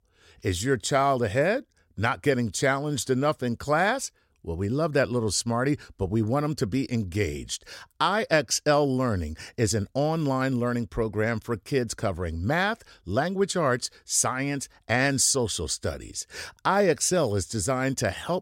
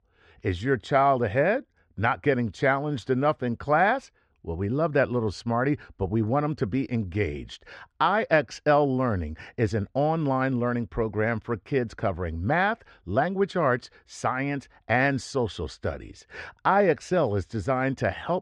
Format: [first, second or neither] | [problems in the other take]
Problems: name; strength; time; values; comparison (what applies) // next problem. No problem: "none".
first | muffled; very; fading above 2 kHz